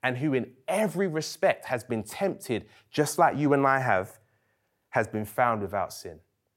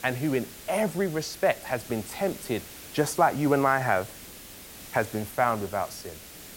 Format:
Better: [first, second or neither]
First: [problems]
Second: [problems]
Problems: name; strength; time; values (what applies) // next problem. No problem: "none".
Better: first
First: none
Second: hiss; noticeable; throughout; 15 dB below the speech